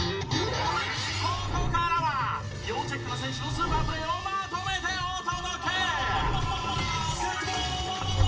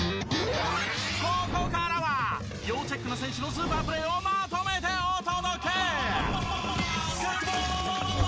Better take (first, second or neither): second